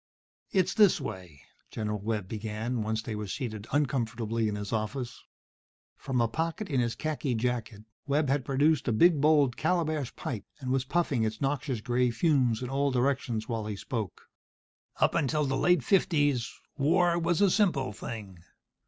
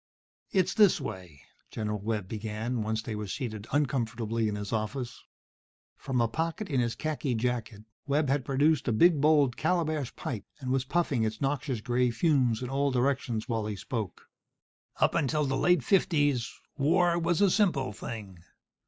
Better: first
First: none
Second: noise reduction (neural mask model Resemble Enhance denoiser)

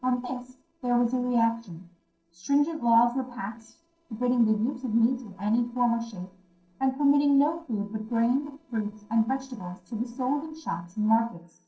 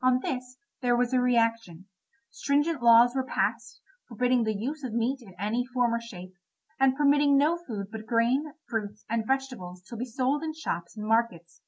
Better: second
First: noise reduction (neural separator model SepFormer DNS4)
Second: none

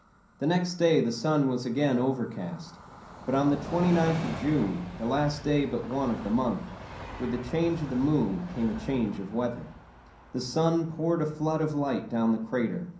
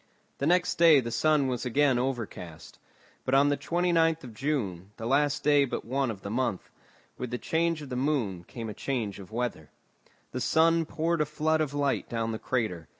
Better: second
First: background sound (Train); 14 dB below the speech // room echo; dies away in 0.6 s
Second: none

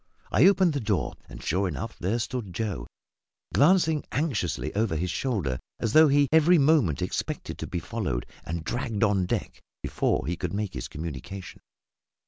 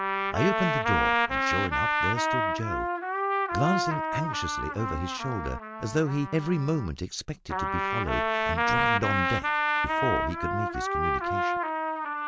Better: first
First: none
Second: background sound (Trumpet); 3 dB above the speech

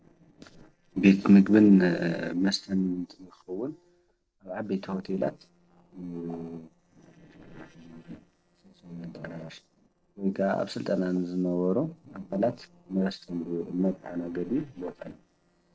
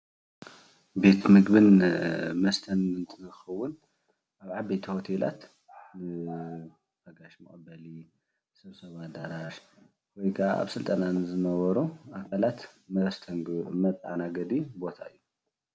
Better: second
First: noise reduction (neural separator model SepFormer DNS4)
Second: none

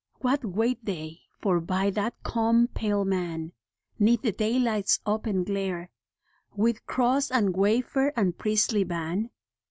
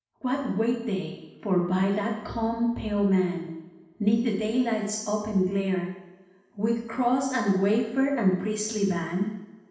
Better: first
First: none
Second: room echo; dies away in 0.9 s

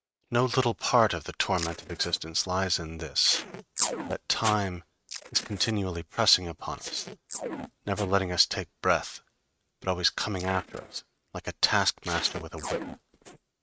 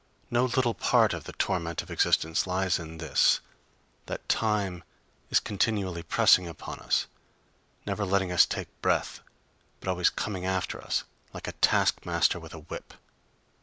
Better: second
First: noise reduction (neural mask model RNNoise)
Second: none

